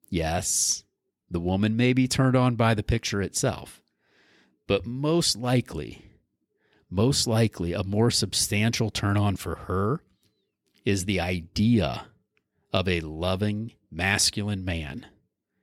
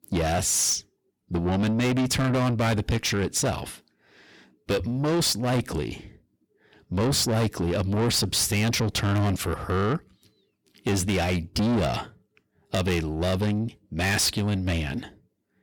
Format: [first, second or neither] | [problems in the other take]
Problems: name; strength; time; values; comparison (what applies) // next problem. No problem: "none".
first | distortion; heavy; 7 dB below the speech